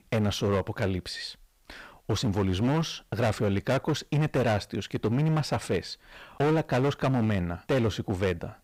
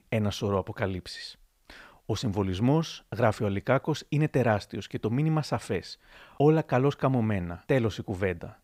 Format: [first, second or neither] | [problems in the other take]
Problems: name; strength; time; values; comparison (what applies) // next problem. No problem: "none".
second | distortion; heavy; 14% of the sound clipped